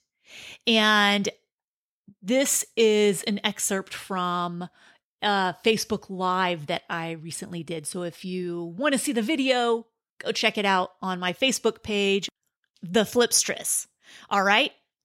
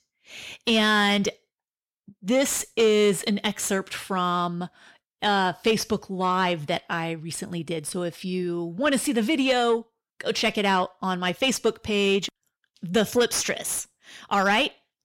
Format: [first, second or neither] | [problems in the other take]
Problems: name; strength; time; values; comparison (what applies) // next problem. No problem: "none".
first | distortion; slight; 10 dB below the speech